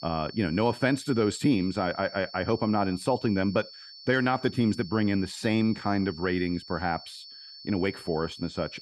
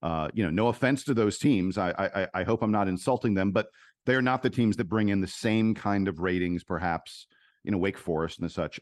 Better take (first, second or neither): second